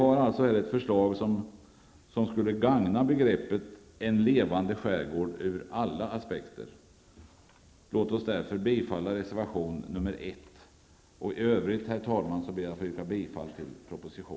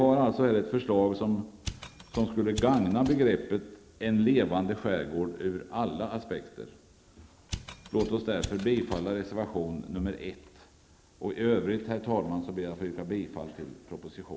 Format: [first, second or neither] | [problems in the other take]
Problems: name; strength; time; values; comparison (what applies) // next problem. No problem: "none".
first | background sound (Mechanisms); 12 dB below the speech